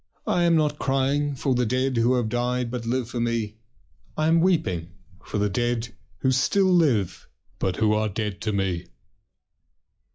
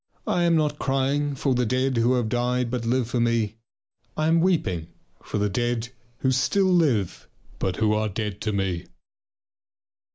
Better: second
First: noise reduction (classical method log-MMSE)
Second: none

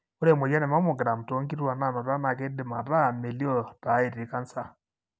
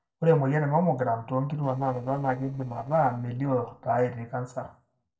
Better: first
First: none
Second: noise reduction (neural separator model SepFormer DNS4)

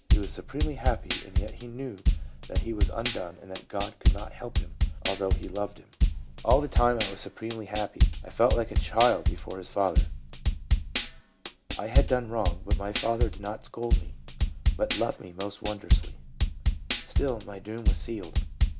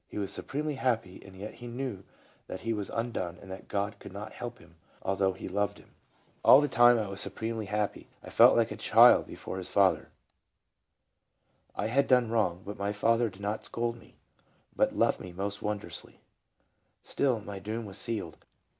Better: second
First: background sound (Drum / Drum kit); 4 dB above the speech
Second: none

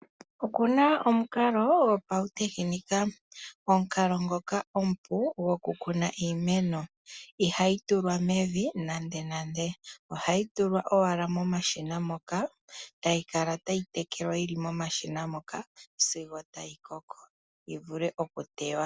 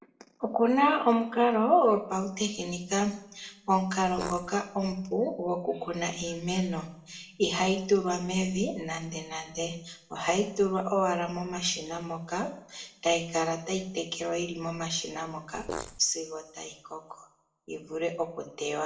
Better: first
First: none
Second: background sound (Fart); 8 dB below the speech // room echo; dies away in 0.6 s

